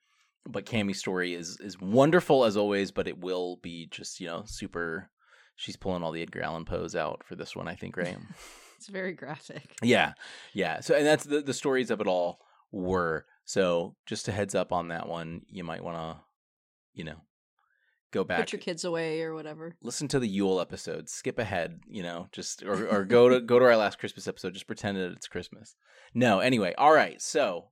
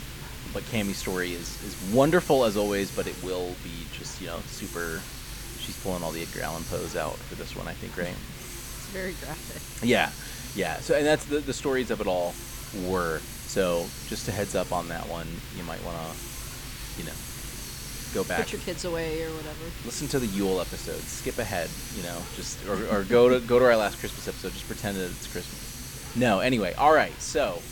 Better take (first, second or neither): first